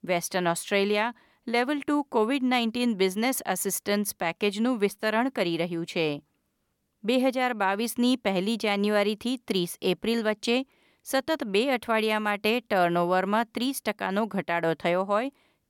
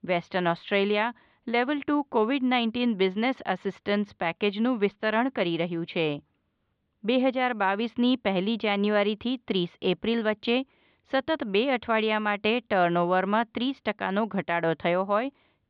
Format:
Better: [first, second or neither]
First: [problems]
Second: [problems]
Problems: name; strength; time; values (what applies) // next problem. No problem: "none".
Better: first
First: none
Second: muffled; slightly; fading above 3.5 kHz